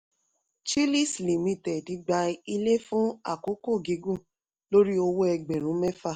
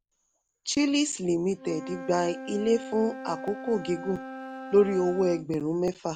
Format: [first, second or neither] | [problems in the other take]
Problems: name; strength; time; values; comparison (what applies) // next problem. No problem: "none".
first | background sound (Wind instrument, woodwind instrument); 13 dB below the speech